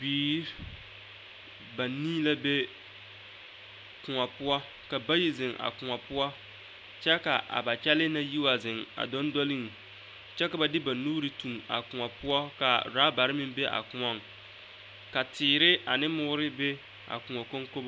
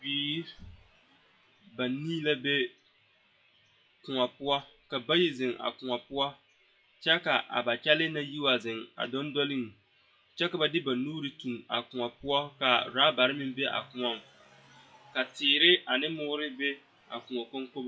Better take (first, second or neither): first